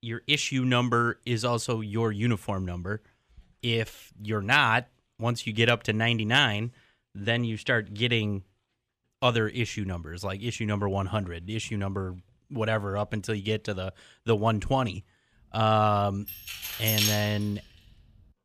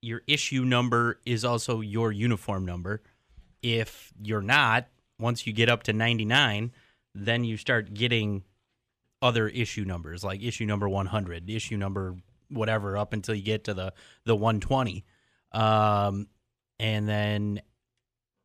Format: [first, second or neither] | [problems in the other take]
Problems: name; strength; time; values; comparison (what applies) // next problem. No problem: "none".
second | jangling keys; loud; from 16 to 17 s; peak 3 dB above the speech